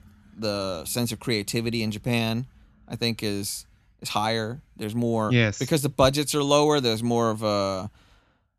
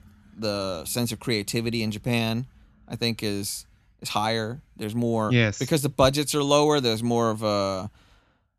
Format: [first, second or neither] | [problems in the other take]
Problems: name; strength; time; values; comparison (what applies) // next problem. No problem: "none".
neither | none